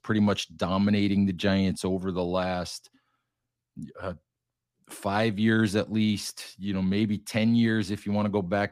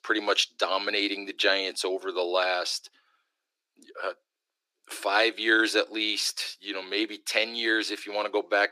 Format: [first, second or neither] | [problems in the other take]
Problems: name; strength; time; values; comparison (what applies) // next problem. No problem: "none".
first | thin; very; fading below 300 Hz